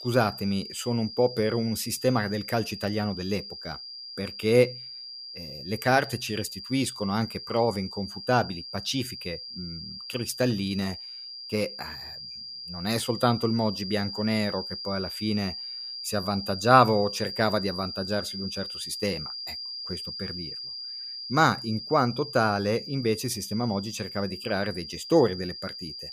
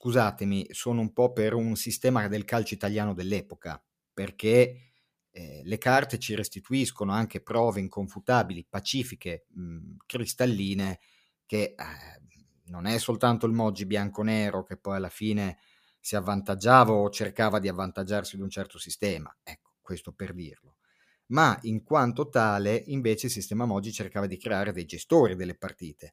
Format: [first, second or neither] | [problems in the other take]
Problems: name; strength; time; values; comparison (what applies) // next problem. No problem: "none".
second | high-pitched whine; loud; throughout; 5 kHz, 9 dB below the speech